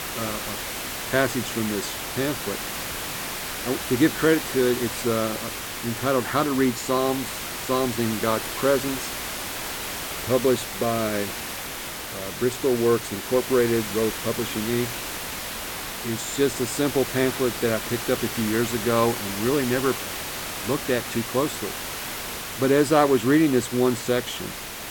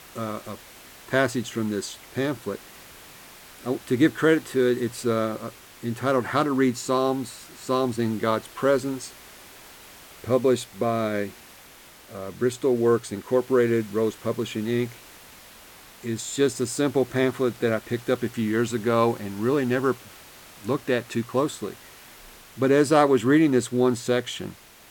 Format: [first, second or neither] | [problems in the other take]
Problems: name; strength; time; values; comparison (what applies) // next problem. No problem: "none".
second | hiss; loud; throughout; 6 dB below the speech; faint in the second